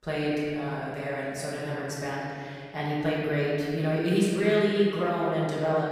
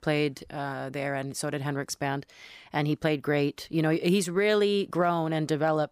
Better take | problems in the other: second | off-mic speech; far // room echo; strong; dies away in 2.2 s

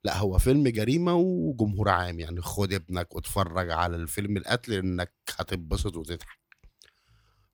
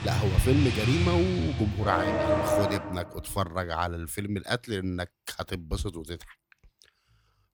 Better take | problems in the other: first | traffic noise; very loud; until 2.5 s; 2 dB above the speech

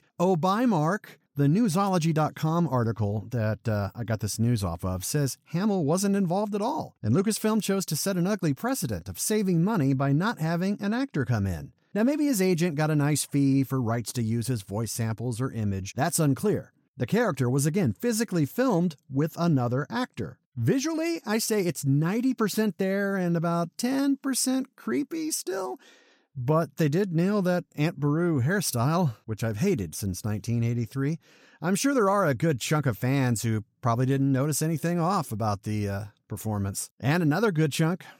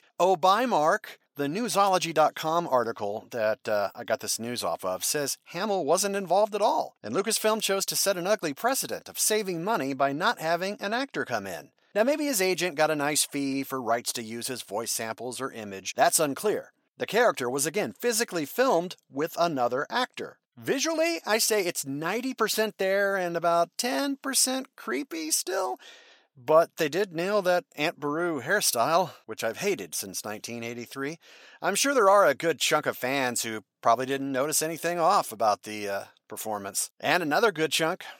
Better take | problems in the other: first | thin; very; fading below 450 Hz

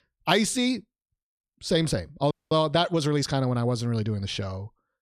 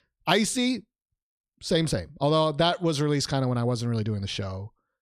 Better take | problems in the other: second | audio freezing; at 2.5 s

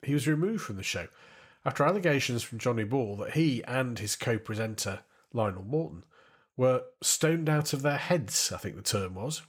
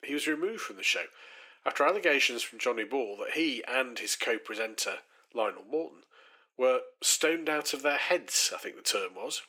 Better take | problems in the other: first | thin; somewhat; fading below 300 Hz

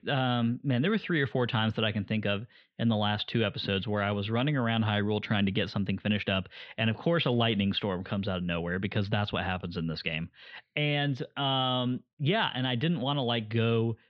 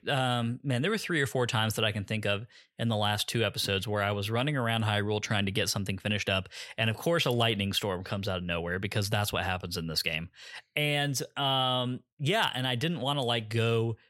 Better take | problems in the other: second | muffled; slightly; fading above 4 kHz

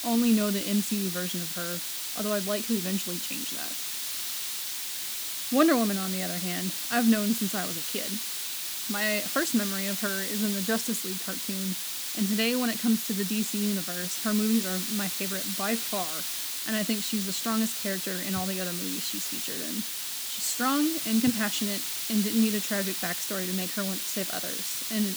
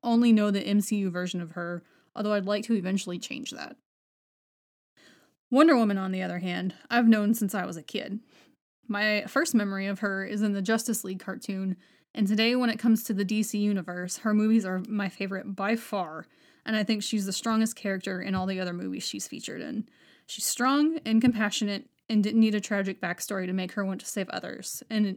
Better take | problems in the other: second | hiss; loud; throughout; as loud as the speech

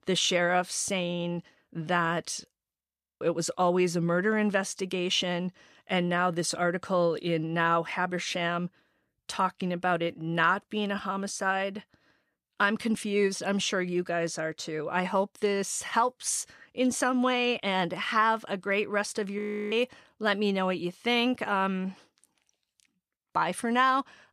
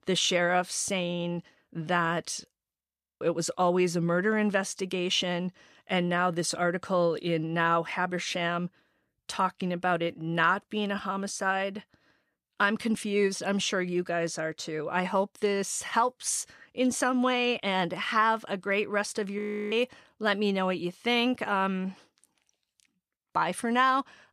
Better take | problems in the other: neither | audio freezing; at 3 s and at 19 s; the same in both

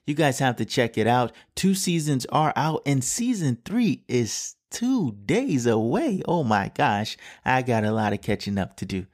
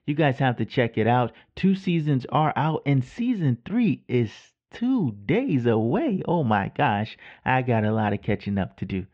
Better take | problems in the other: first | muffled; very; fading above 3 kHz

